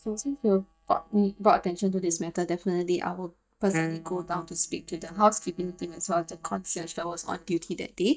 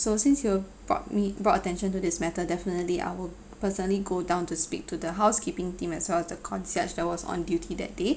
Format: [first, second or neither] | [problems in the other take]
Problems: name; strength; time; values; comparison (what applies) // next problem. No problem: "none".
second | noise reduction (neural mask model DeepFilterNet 3)